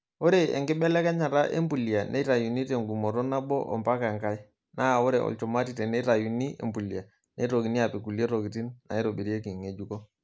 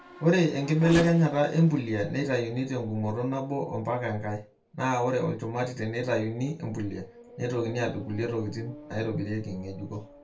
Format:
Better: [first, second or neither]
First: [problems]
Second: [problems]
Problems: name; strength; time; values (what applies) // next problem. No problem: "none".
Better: first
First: none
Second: background sound (Race car, auto racing / Accelerating, revving, vroom); 17 dB below the speech // room echo; dies away in 0.2 s